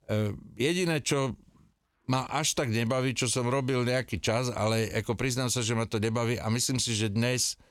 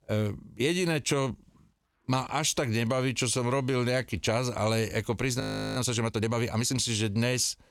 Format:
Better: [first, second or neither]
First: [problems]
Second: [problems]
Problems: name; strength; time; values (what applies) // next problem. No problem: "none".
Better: first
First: none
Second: audio freezing; at 5.5 s